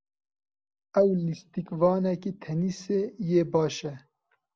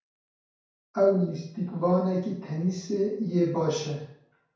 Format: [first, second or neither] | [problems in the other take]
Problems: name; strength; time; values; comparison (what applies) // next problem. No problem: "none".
first | room echo; dies away in 0.5 s